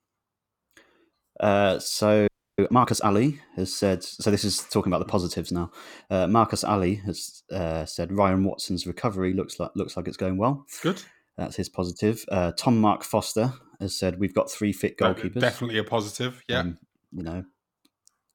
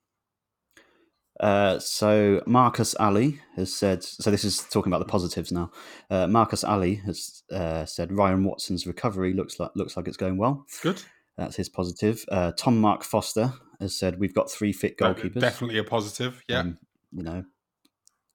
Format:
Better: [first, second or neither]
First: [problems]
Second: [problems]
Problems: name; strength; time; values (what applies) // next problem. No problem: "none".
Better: second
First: audio freezing; at 2.5 s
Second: none